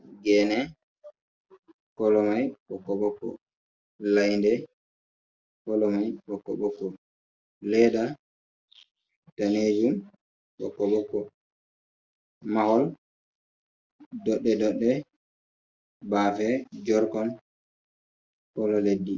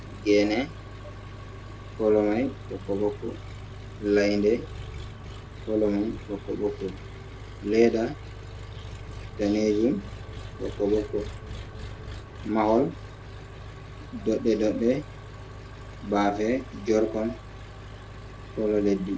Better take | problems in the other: first | background sound (Engine); 12 dB below the speech

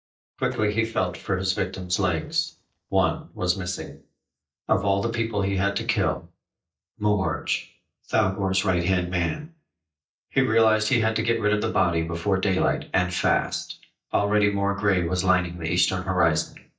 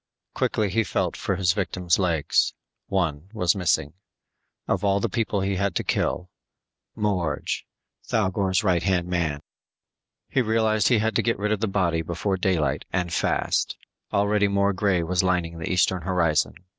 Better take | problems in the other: second | noise reduction (neural mask model DeepFilterNet 3)

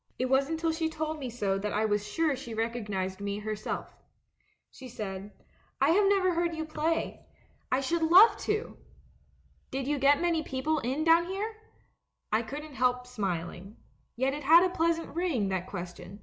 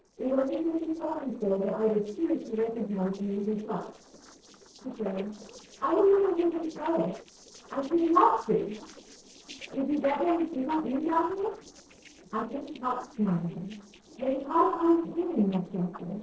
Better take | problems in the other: first | noise reduction (neural separator model SepFormer DNS4)

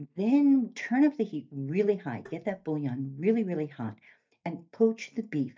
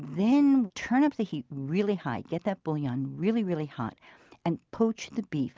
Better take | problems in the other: second | noise reduction (neural mask model DeepFilterNet 3)

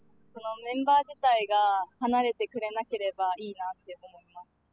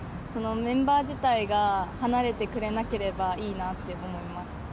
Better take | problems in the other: second | noise reduction (classical method spectral subtraction)

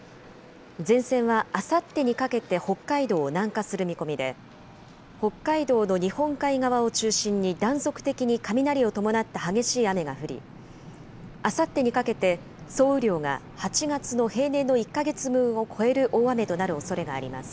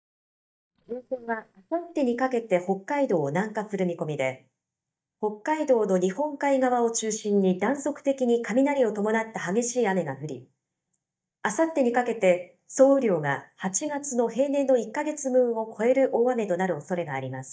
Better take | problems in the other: first | noise reduction (neural mask model DeepFilterNet 3)

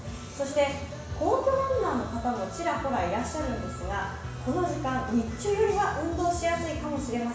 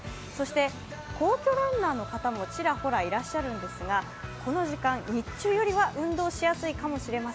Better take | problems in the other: second | background sound (Bowed string instrument); 14 dB below the speech // room echo; dies away in 0.7 s

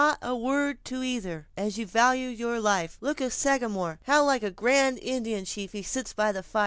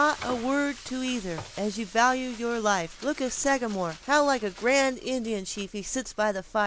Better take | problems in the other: first | background sound (Frying (food)); 19 dB below the speech

